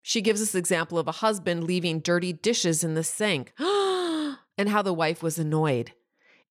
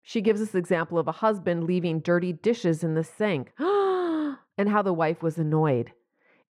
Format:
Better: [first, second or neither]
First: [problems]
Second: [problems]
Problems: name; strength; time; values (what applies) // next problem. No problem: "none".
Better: first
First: none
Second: muffled; very; fading above 3 kHz